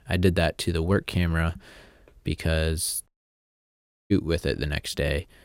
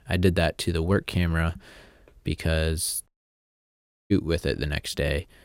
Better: neither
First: audio cutting out; at 3 s for 1 s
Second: audio cutting out; at 3 s for 1 s

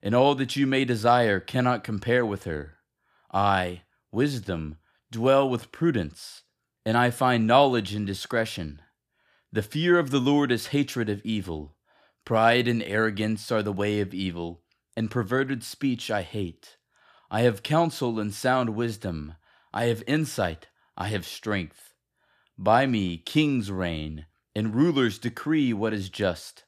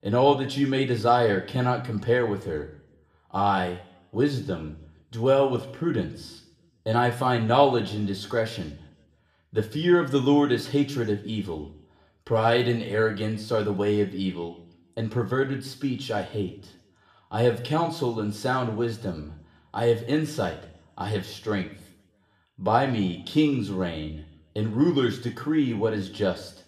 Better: first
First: none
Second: room echo; slight; dies away in 0.6 s // off-mic speech; somewhat distant

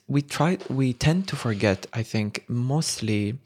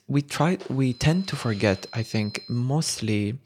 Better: first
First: none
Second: high-pitched whine; noticeable; from 1 to 2.5 s; 4 kHz, 20 dB below the speech

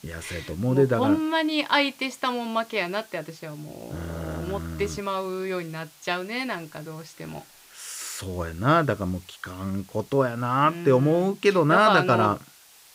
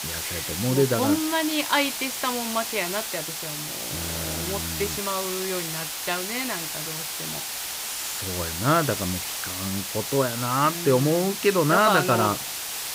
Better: first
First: hiss; faint; throughout; 25 dB below the speech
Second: hiss; loud; throughout; 4 dB below the speech

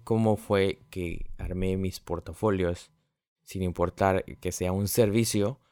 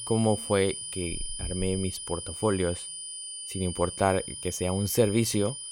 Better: first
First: none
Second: high-pitched whine; loud; throughout; 9.5 kHz, 7 dB below the speech

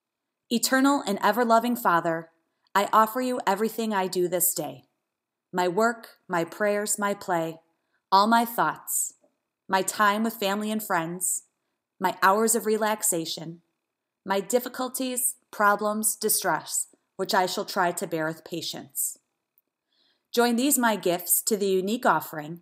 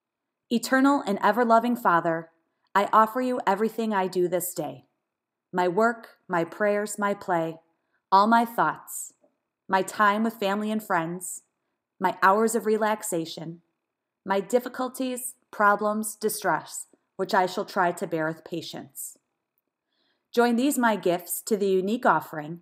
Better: first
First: none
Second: muffled; slightly; fading above 3 kHz

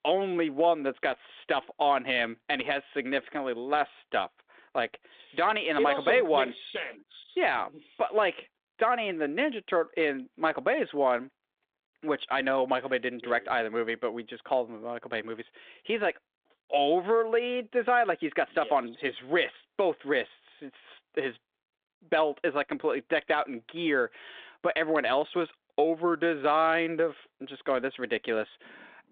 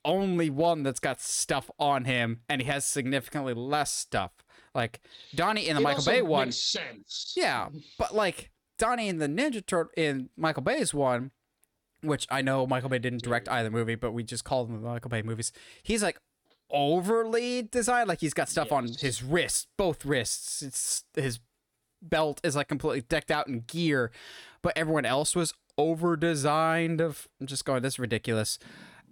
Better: second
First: phone-call audio; nothing above 3.5 kHz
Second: none

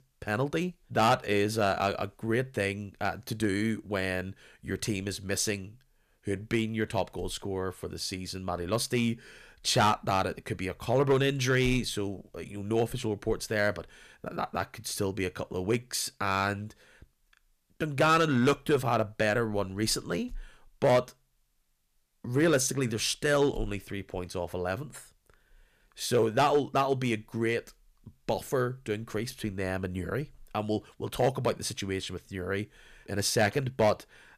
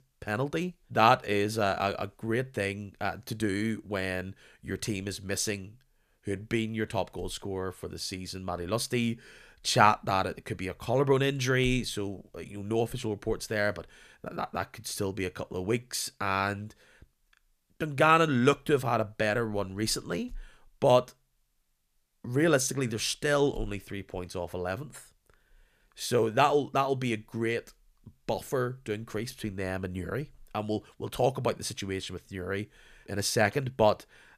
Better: second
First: distortion; slight; 1.8% of the sound clipped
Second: none

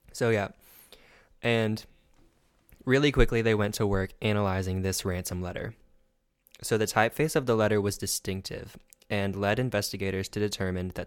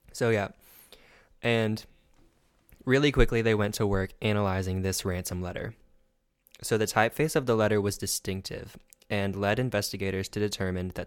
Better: neither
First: none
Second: none

